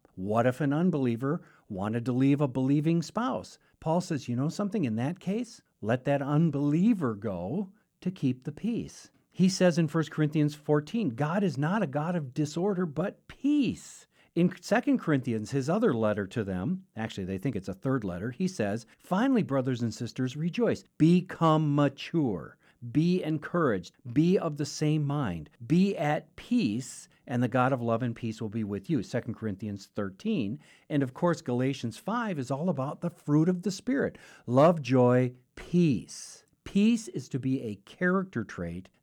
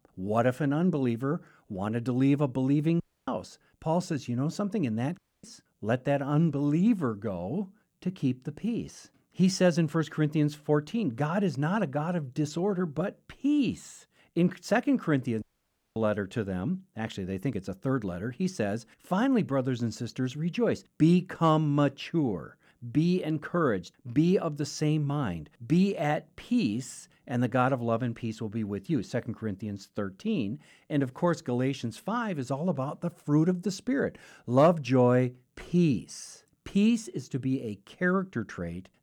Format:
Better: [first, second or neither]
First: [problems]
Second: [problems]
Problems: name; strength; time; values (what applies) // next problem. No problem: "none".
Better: first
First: none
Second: audio cutting out; at 3 s, at 5 s and at 15 s for 0.5 s